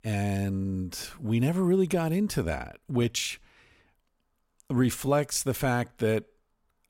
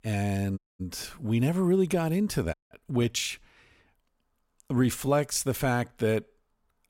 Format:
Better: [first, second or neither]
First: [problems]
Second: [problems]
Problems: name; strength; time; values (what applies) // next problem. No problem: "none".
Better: first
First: none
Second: audio cutting out; at 0.5 s and at 2.5 s